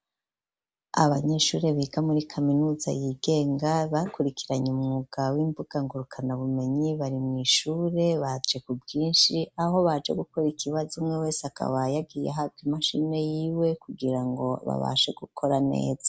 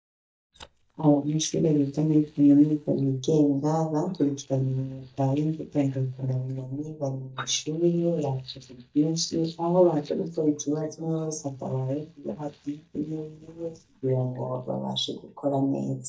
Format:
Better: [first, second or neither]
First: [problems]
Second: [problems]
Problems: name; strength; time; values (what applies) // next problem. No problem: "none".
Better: first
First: none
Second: noise reduction (neural mask model DeepFilterNet 3)